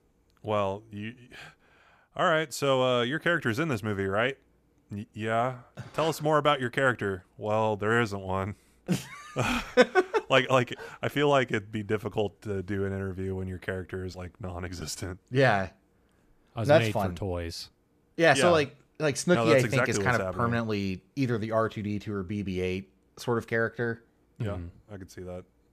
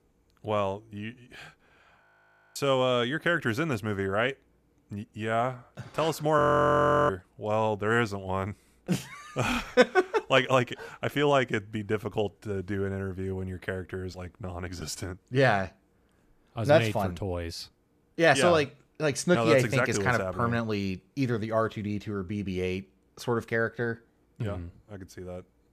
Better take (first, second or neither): first